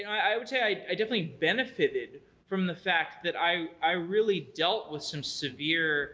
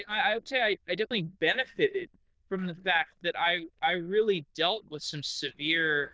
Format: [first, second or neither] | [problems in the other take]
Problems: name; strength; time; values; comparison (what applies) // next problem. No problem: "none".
first | noise reduction (neural diffusion model UNIVERSE++)